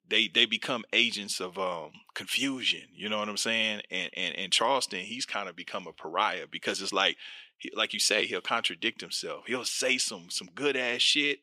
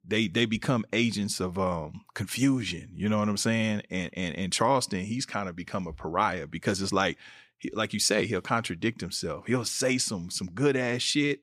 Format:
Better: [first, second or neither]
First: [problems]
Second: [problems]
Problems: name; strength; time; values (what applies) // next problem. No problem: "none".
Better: second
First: thin; somewhat; fading below 350 Hz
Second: none